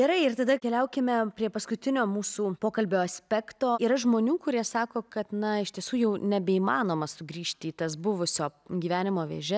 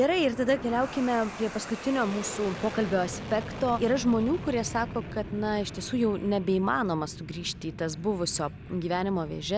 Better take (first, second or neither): first